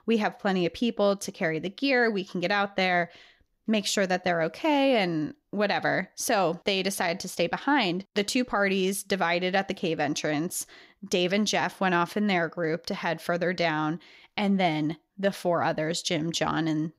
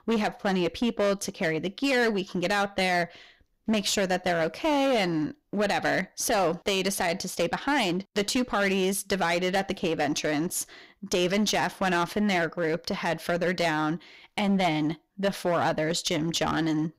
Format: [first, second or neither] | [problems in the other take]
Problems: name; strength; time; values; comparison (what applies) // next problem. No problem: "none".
first | distortion; slight; 12% of the sound clipped